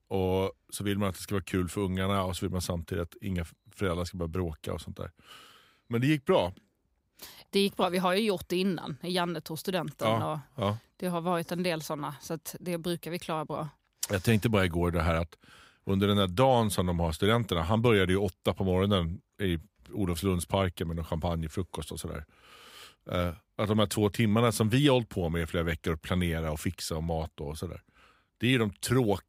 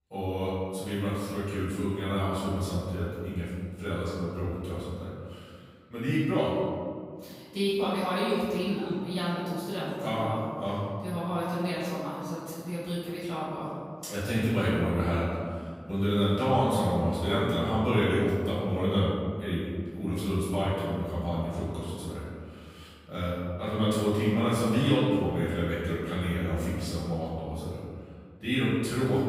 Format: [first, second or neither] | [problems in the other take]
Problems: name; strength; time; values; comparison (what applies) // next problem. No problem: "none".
first | off-mic speech; far // room echo; strong; dies away in 1.8 s